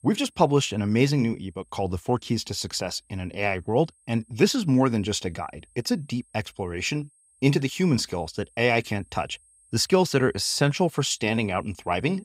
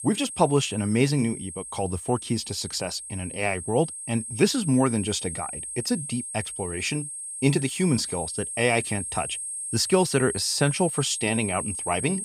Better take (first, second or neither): first